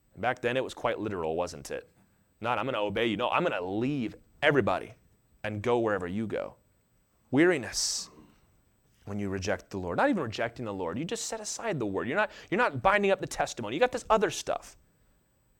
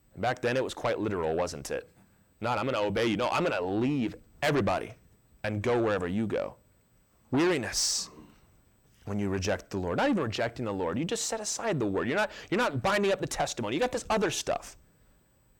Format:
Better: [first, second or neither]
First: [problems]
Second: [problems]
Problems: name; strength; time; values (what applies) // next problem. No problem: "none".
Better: first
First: none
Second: distortion; heavy; 8 dB below the speech